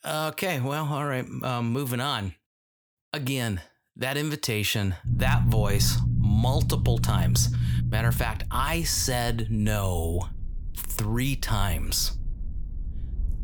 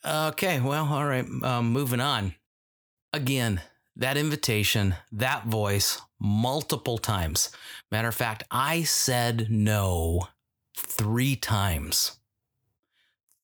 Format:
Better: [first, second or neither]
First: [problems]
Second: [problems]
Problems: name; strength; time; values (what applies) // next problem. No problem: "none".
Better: second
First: low rumble; loud; from 5 s on; 10 dB below the speech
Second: none